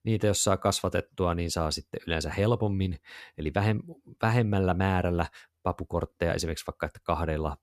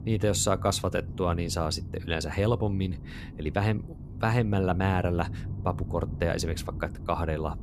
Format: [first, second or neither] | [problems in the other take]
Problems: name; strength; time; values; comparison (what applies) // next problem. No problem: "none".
first | low rumble; noticeable; throughout; 20 dB below the speech